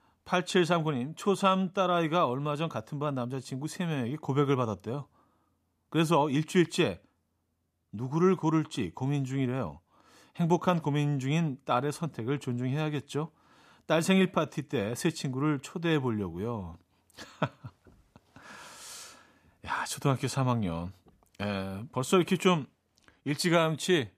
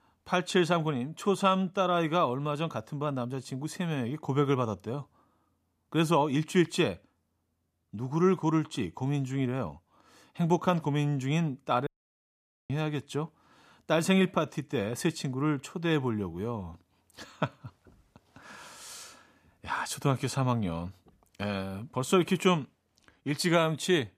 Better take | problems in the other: first | audio cutting out; at 12 s for 1 s

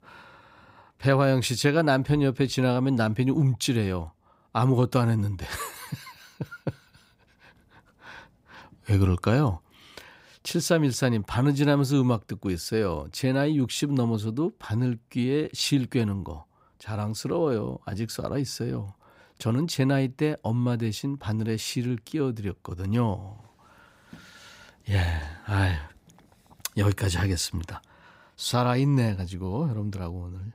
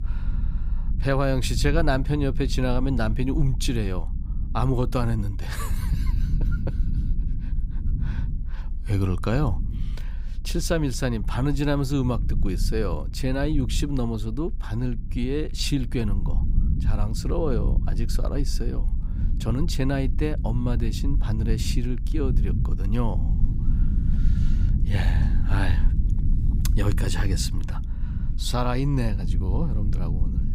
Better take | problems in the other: first | low rumble; noticeable; throughout; 15 dB below the speech

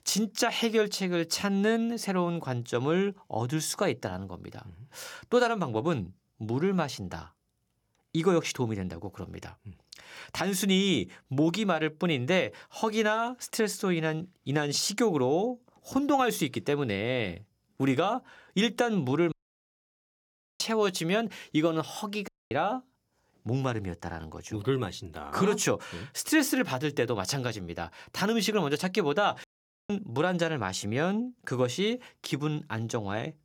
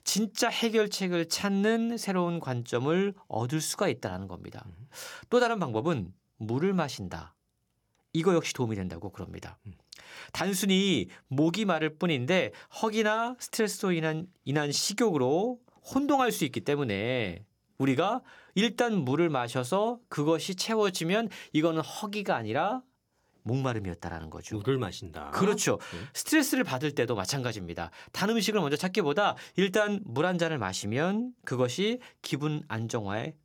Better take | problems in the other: second | audio cutting out; at 19 s for 1.5 s, at 22 s and at 29 s

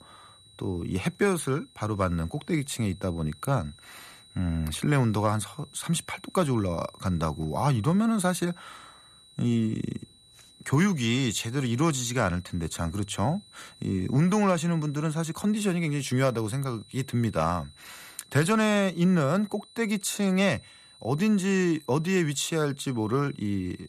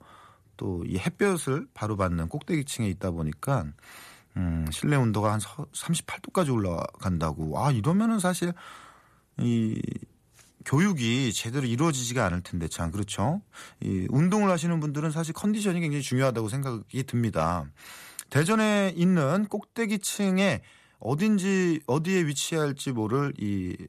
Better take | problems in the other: second | high-pitched whine; faint; throughout; 4 kHz, 25 dB below the speech

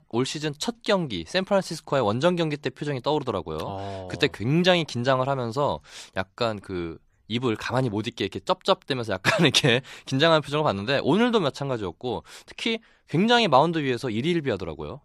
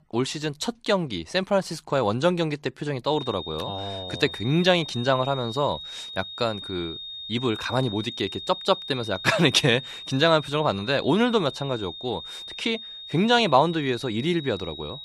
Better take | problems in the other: first | high-pitched whine; noticeable; from 3 s on; 3.5 kHz, 10 dB below the speech

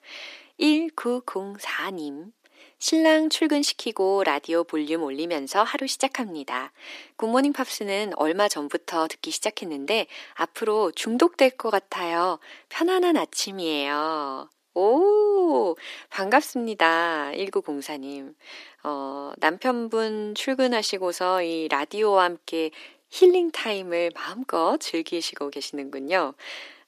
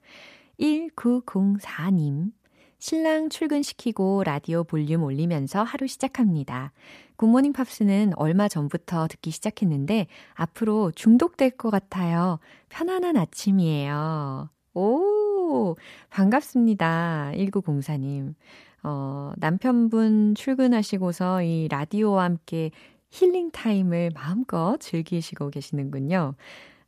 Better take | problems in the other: second | thin; somewhat; fading below 300 Hz

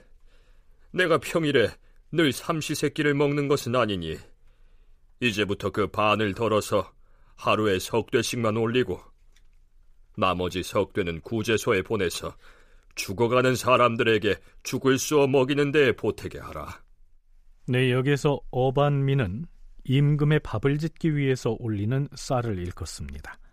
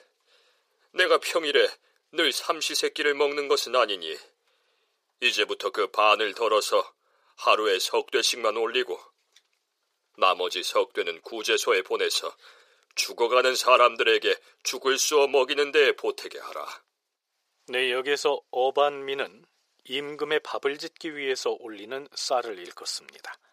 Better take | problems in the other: first | thin; very; fading below 450 Hz

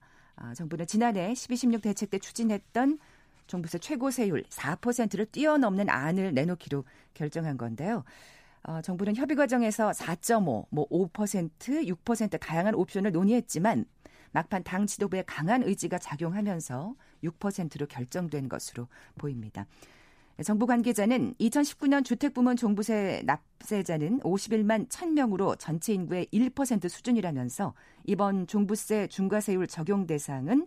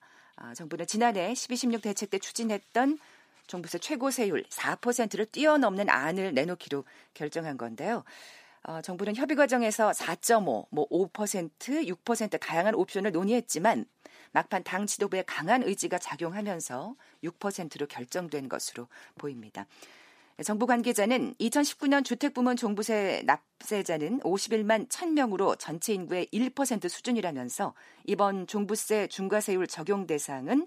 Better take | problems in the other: first | thin; very slightly; fading below 300 Hz

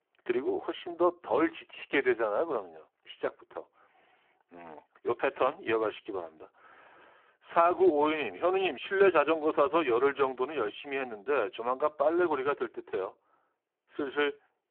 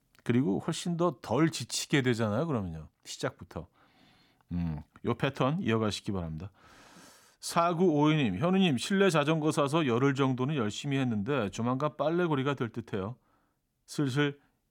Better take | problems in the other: second | phone-call audio; poor line

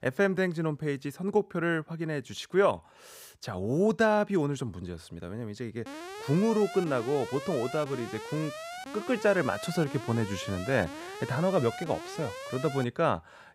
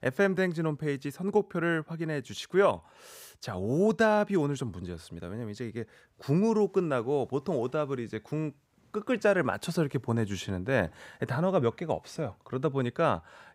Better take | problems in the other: second | alarm; noticeable; from 6 to 13 s; peak 10 dB below the speech

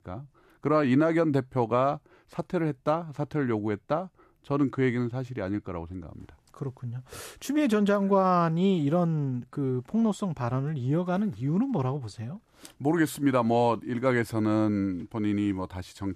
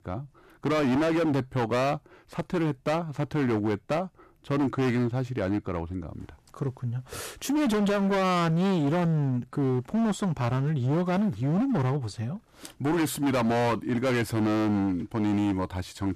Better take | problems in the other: first | distortion; heavy; 21% of the sound clipped

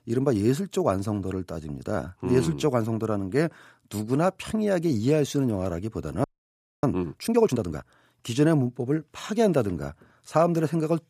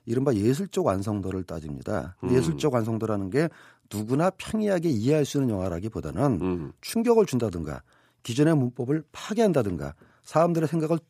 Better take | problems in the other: second | audio freezing; at 6 s for 0.5 s

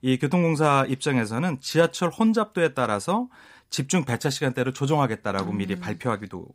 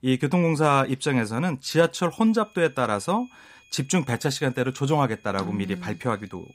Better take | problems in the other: first | high-pitched whine; faint; from 2 s on; 2.5 kHz, 30 dB below the speech

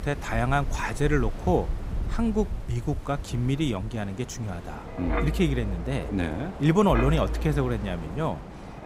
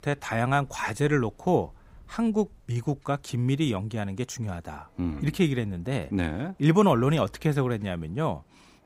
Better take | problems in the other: second | wind in the background; loud; throughout; 7 dB below the speech; faint in the second

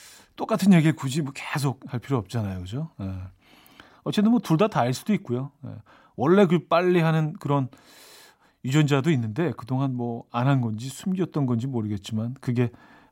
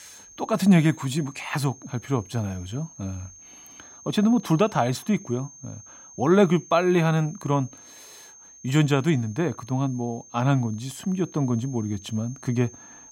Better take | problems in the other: first | high-pitched whine; faint; throughout; 6.5 kHz, 20 dB below the speech

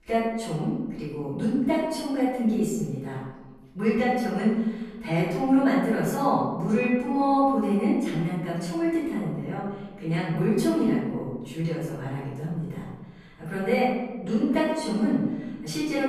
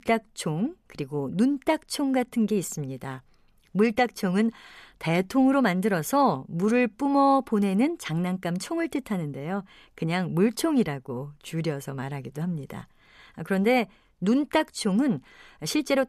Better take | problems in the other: second | off-mic speech; far // room echo; strong; dies away in 1.1 s

